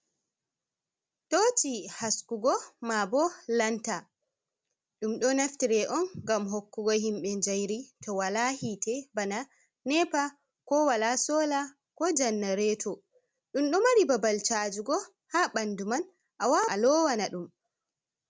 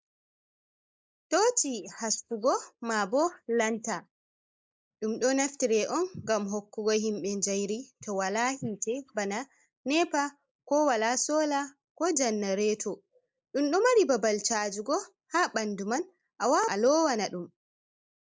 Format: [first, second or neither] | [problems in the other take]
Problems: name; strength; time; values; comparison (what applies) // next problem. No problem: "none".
first | noise reduction (neural mask model Resemble Enhance denoiser)